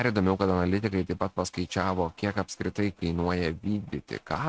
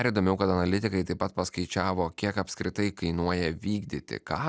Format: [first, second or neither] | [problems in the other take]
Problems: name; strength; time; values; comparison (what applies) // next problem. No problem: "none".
second | noise reduction (neural mask model RNNoise)